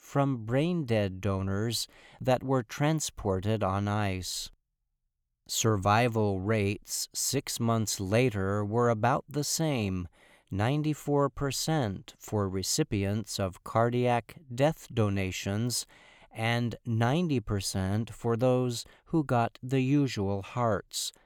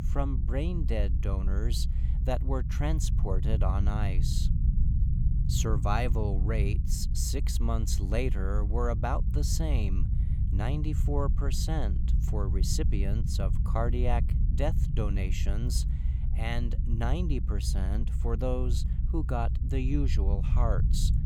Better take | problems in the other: first | low rumble; loud; throughout; 9 dB below the speech

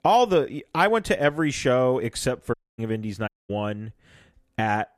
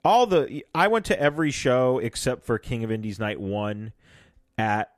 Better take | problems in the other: second | audio cutting out; at 2.5 s and at 3.5 s

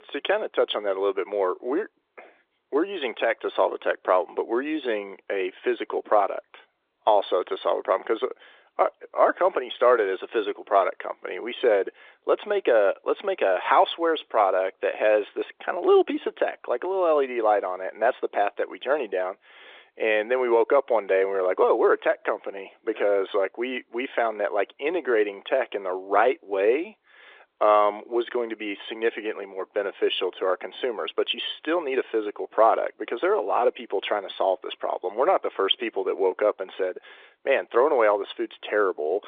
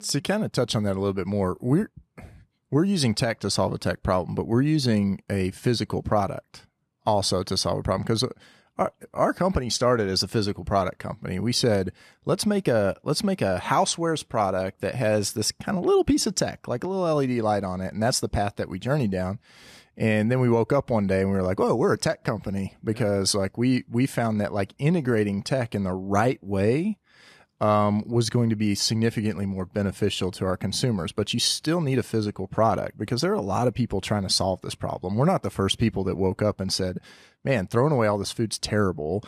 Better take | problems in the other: second | phone-call audio; nothing above 3.5 kHz

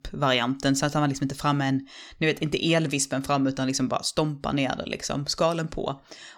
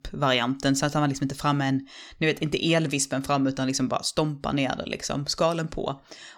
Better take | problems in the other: neither | none

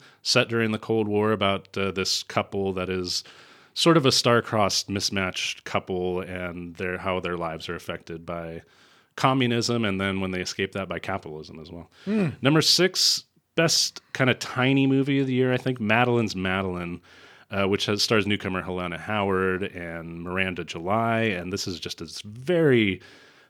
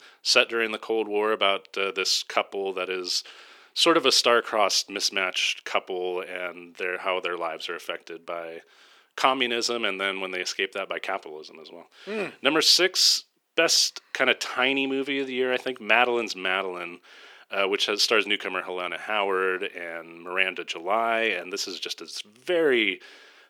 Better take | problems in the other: first | thin; somewhat; fading below 350 Hz

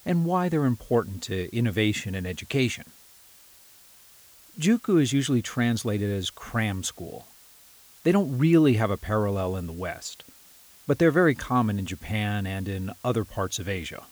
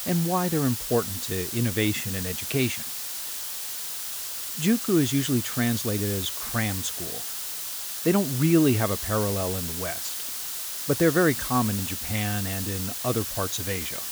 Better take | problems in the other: first | hiss; loud; throughout; 3 dB below the speech; faint in the first

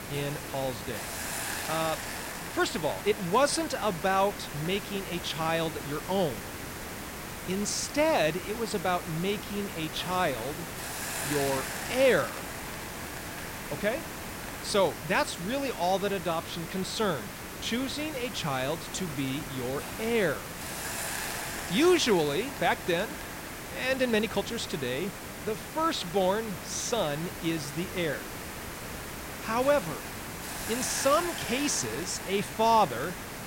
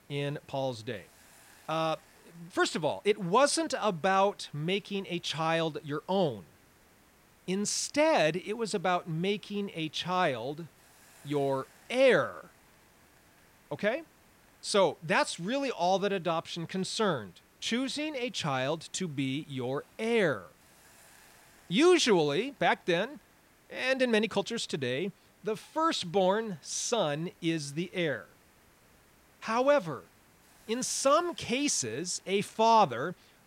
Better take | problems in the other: second | hiss; loud; throughout; 7 dB below the speech; faint in the second

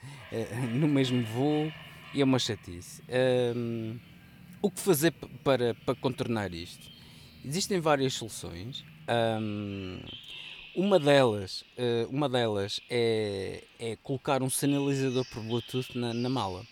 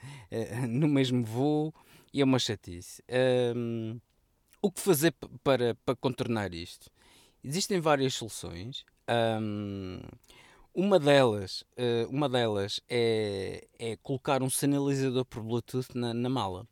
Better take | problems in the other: second | animal sounds; noticeable; throughout; 15 dB below the speech

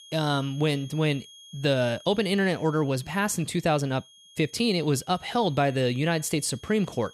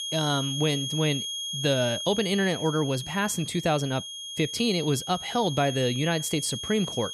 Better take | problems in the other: first | high-pitched whine; loud; throughout; 3.5 kHz, 6 dB below the speech; faint in the first

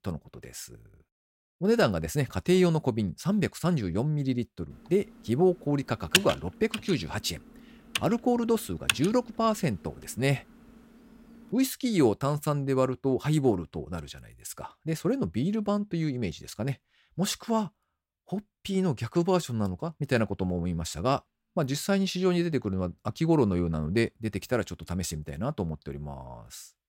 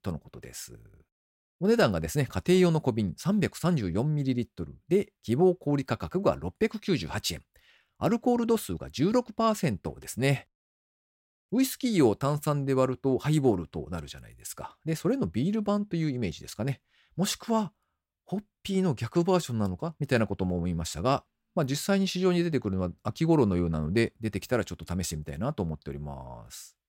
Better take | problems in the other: second | keyboard typing; loud; from 6 to 9 s; peak 4 dB above the speech

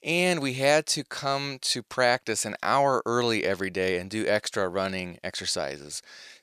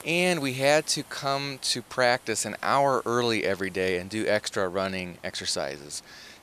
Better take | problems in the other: first | hiss; faint; throughout; 25 dB below the speech

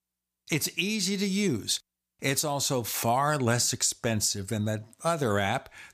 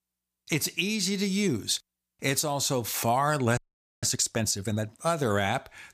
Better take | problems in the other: first | audio freezing; at 3.5 s

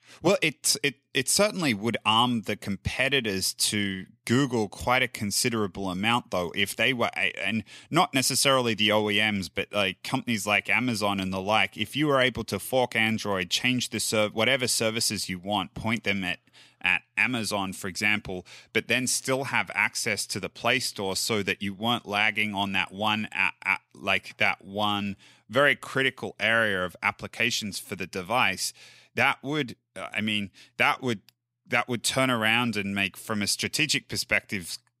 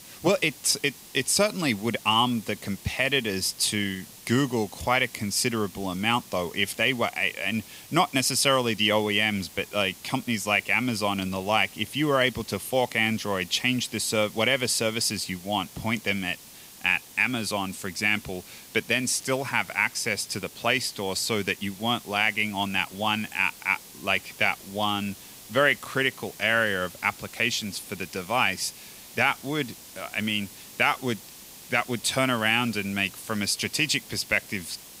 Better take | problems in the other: first | hiss; noticeable; throughout; 20 dB below the speech

